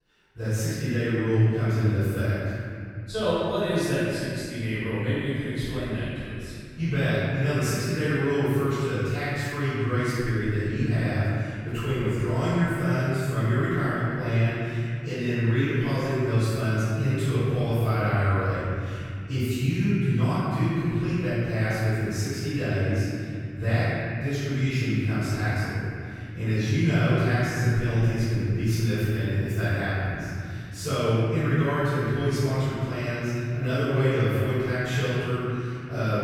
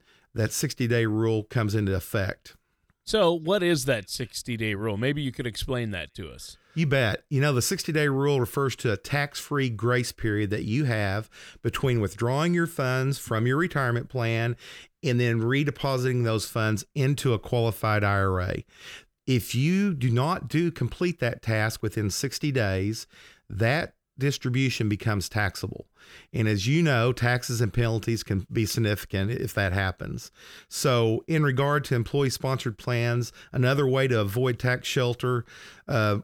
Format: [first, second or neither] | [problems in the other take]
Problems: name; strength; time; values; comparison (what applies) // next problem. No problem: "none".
second | off-mic speech; far // room echo; strong; dies away in 2.8 s